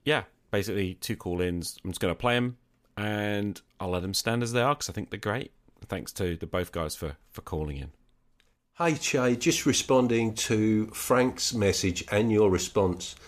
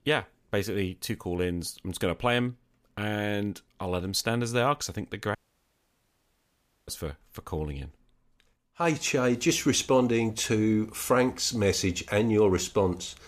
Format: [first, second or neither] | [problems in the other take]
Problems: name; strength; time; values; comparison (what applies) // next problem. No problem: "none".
first | audio cutting out; at 5.5 s for 1.5 s